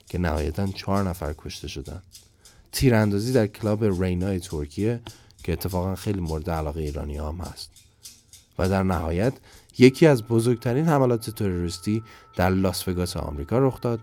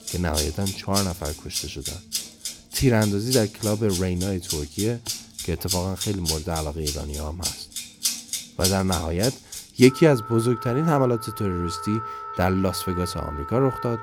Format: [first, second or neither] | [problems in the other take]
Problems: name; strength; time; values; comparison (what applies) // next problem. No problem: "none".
first | background music; loud; throughout; 6 dB below the speech; faint in the first